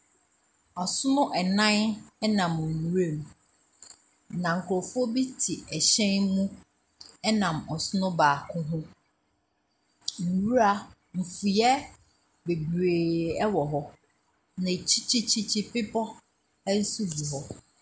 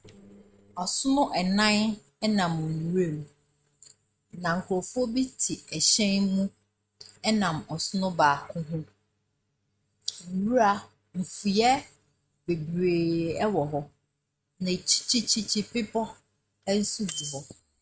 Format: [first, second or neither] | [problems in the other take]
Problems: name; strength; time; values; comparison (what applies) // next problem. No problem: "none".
first | noise reduction (neural mask model RNNoise)